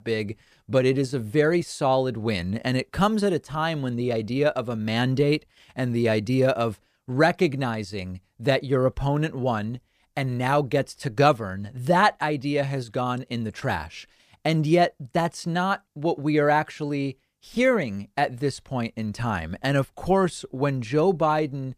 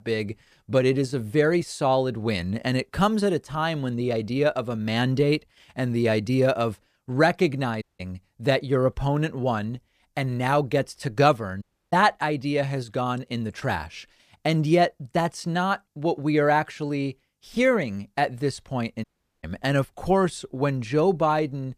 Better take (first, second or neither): first